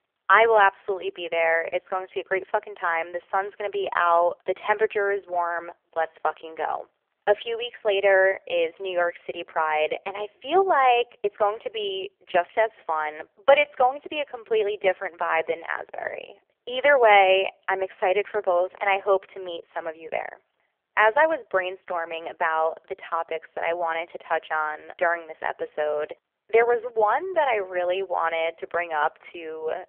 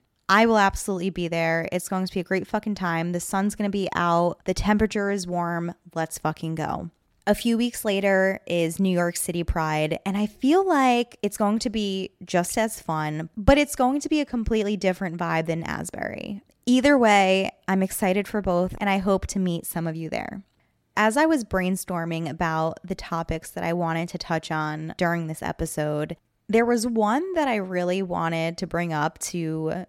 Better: second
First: phone-call audio; poor line; nothing above 3 kHz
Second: none

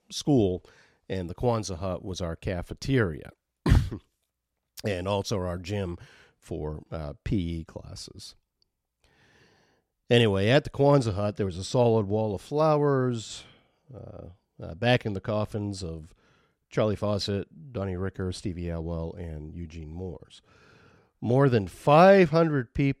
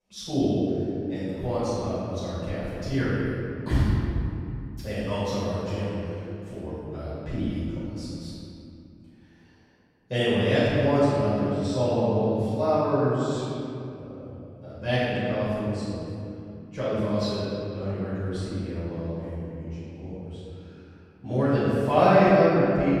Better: first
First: none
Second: off-mic speech; far // room echo; strong; dies away in 2.5 s

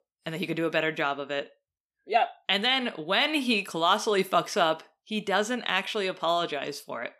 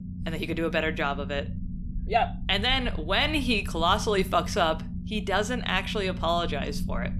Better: first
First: none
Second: low rumble; noticeable; throughout; 20 dB below the speech

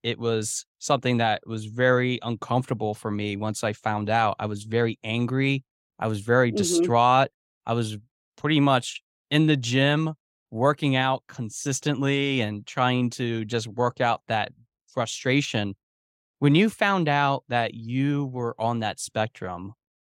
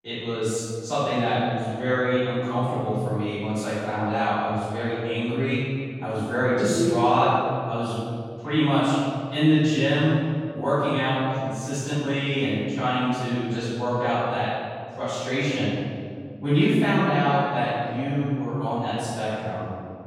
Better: first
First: none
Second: off-mic speech; far // room echo; strong; dies away in 2 s

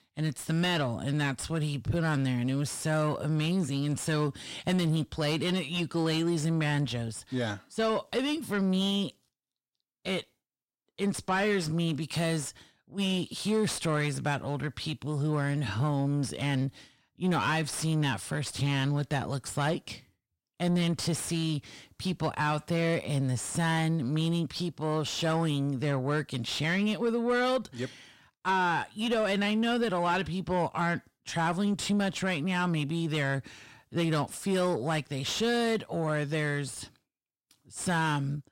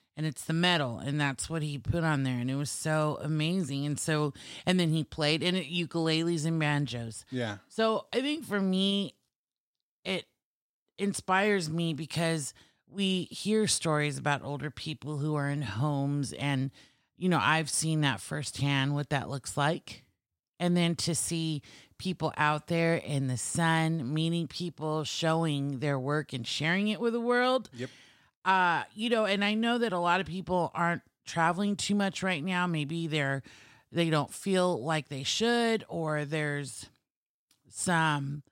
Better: second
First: distortion; slight; 10 dB below the speech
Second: none

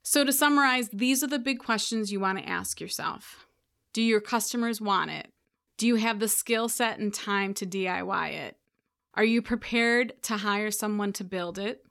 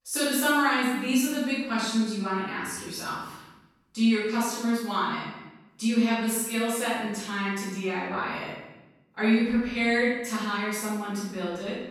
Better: first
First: none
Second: room echo; strong; dies away in 1 s // off-mic speech; far

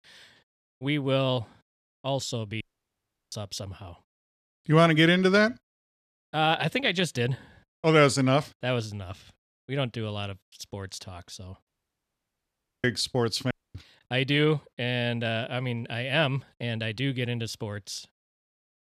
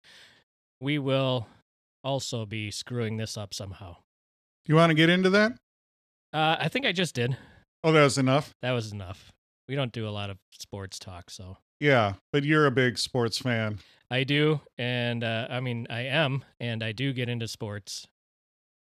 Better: second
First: audio cutting out; at 2.5 s for 0.5 s, at 12 s for 1 s and at 14 s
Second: none

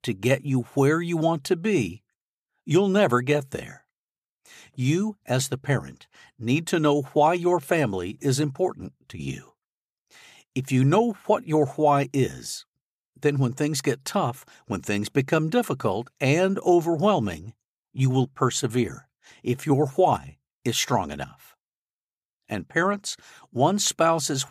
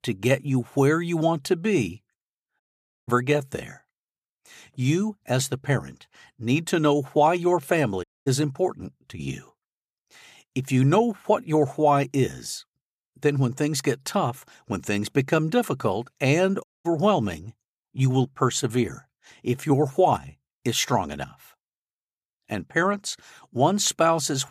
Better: first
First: none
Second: audio cutting out; at 2.5 s, at 8 s and at 17 s

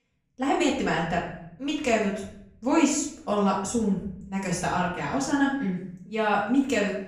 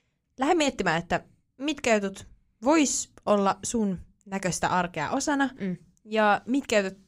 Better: second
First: off-mic speech; far // room echo; noticeable; dies away in 0.6 s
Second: none

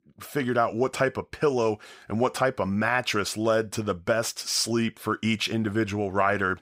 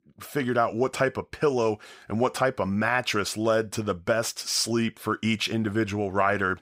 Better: neither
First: none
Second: none

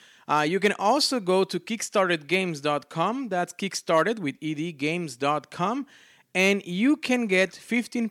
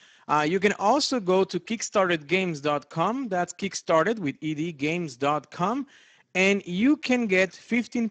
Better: first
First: none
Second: garbled, watery; badly; nothing above 7.5 kHz

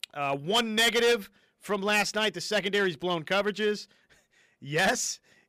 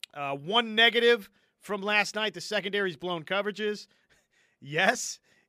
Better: second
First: distortion; heavy; 6% of the sound clipped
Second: none

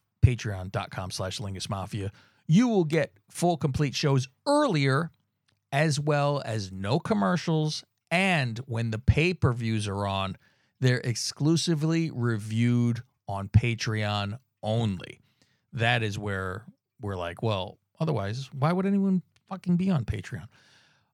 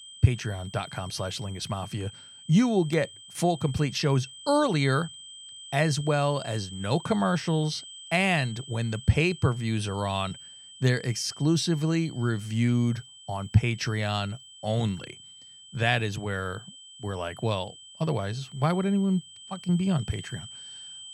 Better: first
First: none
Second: high-pitched whine; noticeable; throughout; 3 kHz, 15 dB below the speech

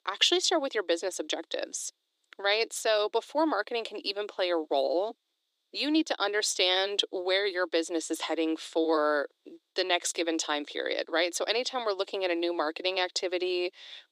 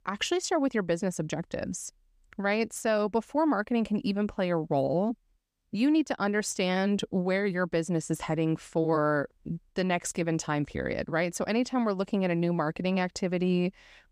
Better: second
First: thin; very; fading below 300 Hz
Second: none

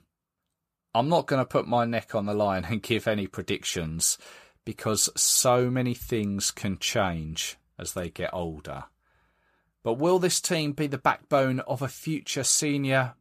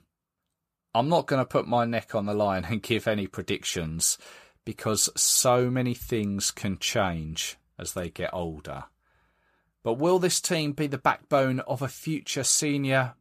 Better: neither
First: none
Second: none

